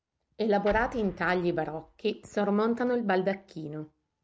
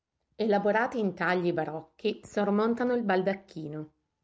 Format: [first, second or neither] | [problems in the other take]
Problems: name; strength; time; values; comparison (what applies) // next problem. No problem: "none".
second | background sound (Explosion); 16 dB below the speech